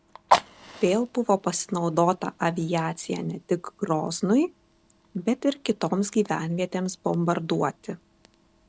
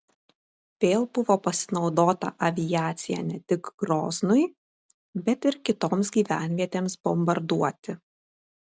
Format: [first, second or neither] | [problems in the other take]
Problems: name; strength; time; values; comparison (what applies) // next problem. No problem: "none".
second | background sound (Fire); 9 dB below the speech